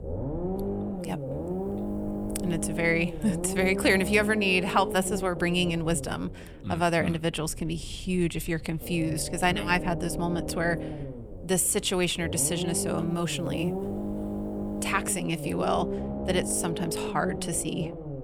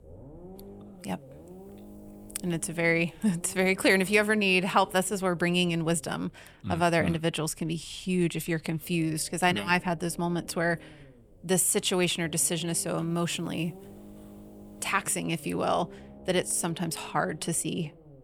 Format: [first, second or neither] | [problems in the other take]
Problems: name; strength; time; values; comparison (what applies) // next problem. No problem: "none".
second | low rumble; loud; throughout; 9 dB below the speech; faint in the second